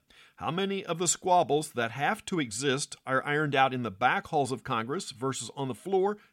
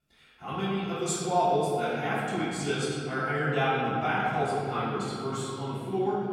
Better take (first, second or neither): first